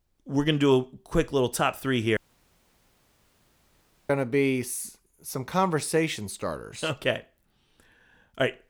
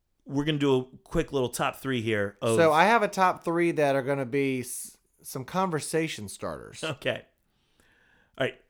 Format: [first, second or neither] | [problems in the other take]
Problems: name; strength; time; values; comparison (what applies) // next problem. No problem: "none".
second | audio cutting out; at 2 s for 2 s